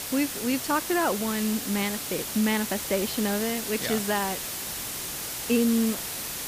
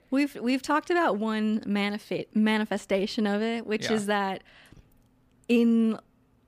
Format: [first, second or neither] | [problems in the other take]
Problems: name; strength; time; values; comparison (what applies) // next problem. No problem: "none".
second | hiss; loud; throughout; 4 dB below the speech